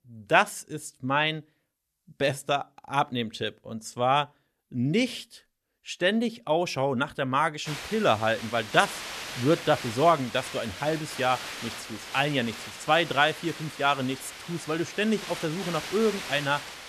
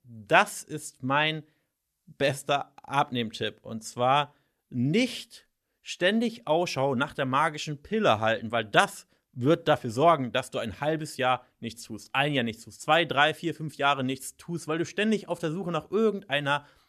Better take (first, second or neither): second